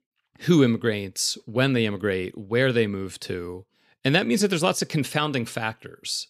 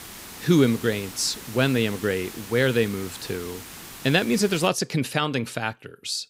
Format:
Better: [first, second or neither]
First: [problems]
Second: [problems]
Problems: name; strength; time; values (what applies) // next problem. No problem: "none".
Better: first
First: none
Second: hiss; noticeable; until 4.5 s; 15 dB below the speech